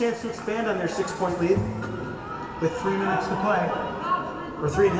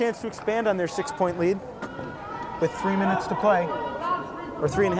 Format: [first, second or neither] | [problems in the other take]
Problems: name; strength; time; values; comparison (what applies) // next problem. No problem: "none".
second | background sound (Bowed string instrument); 8 dB below the speech // room echo; dies away in 2.5 s